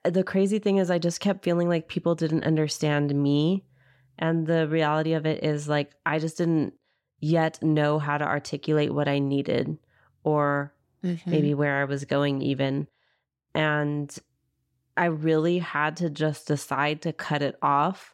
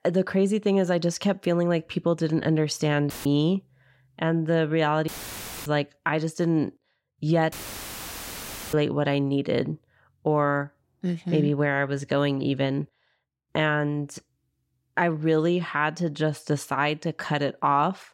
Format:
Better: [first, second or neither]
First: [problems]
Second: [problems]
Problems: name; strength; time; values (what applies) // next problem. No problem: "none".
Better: first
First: none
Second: audio cutting out; filled with static; at 3 s, at 5 s for 0.5 s and at 7.5 s for 1 s